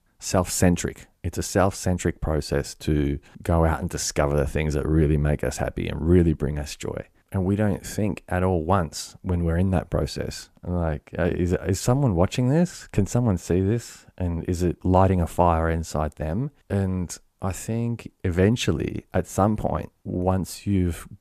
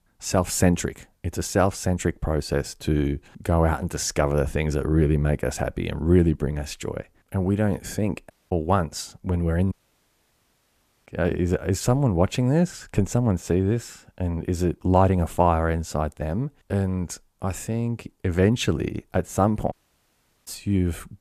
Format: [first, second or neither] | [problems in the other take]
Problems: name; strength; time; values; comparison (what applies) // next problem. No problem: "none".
first | audio cutting out; at 8.5 s, at 9.5 s for 1.5 s and at 20 s for 0.5 s